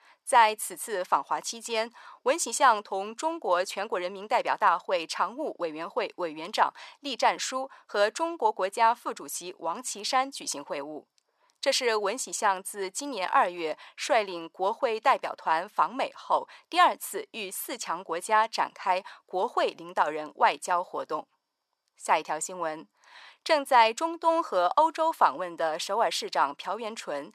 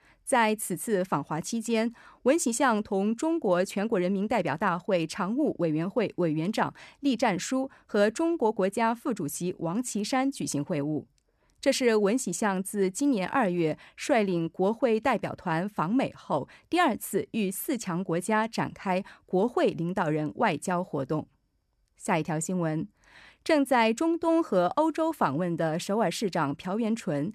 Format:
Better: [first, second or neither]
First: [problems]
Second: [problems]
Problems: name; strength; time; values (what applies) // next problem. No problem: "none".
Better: second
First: thin; very; fading below 650 Hz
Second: none